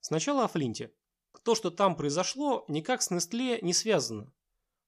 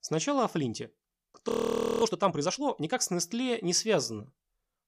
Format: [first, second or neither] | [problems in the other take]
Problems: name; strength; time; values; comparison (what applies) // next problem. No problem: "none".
first | audio freezing; at 1.5 s for 0.5 s